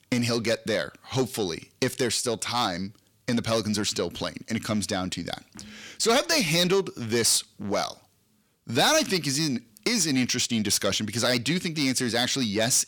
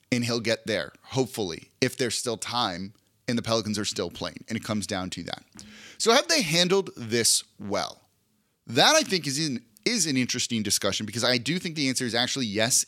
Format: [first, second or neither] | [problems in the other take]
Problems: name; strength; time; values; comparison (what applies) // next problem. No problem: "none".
second | distortion; slight; 10 dB below the speech